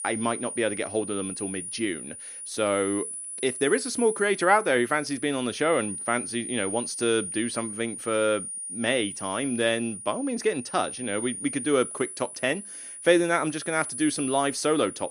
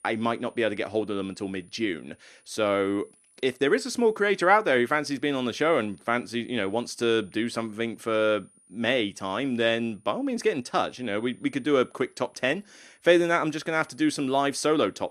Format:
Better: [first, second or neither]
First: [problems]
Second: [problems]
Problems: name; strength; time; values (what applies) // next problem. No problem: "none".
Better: second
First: high-pitched whine; loud; throughout; 9.5 kHz, 8 dB below the speech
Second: high-pitched whine; faint; throughout; 9.5 kHz, 35 dB below the speech